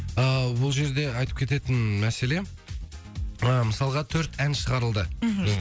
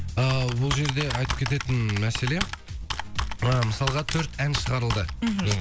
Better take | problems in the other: first | background sound (Computer keyboard); 7 dB below the speech

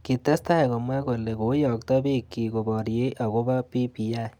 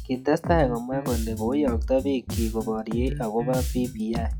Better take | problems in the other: first | noise reduction (classical method log-MMSE)

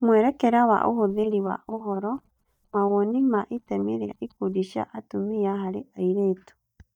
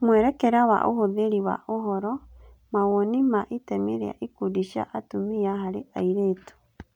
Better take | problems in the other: second | noise reduction (neural mask model DeepFilterNet 3)

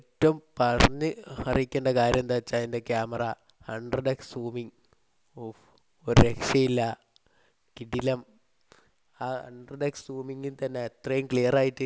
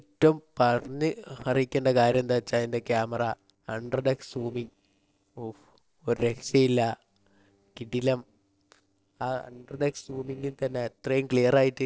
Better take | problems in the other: first | noise reduction (neural separator model SepFormer DNS4)

